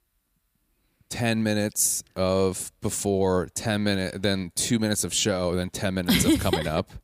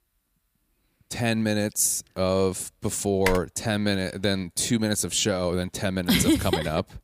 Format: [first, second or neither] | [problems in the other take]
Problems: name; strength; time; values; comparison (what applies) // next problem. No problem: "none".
first | keyboard typing; noticeable; at 3.5 s; peak 5 dB below the speech